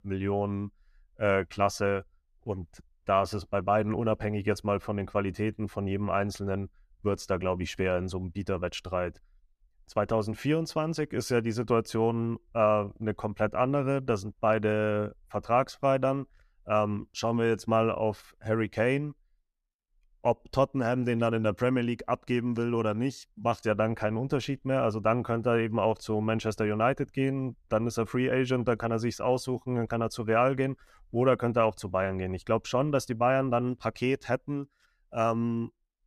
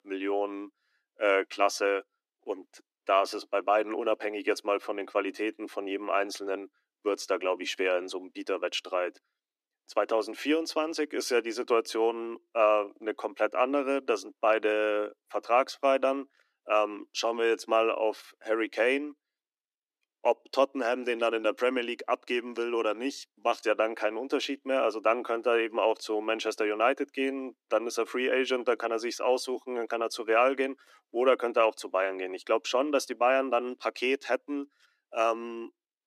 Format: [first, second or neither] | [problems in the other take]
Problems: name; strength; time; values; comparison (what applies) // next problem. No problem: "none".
first | thin; somewhat; fading below 300 Hz